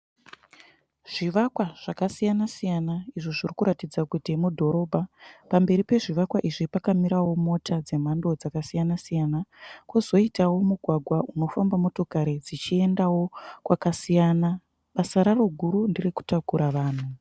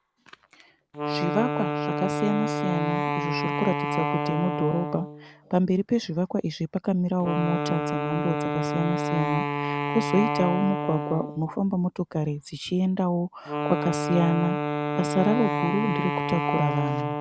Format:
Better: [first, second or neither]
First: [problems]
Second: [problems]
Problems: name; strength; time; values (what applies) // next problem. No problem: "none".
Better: first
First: none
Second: background sound (Wind instrument, woodwind instrument); 2 dB below the speech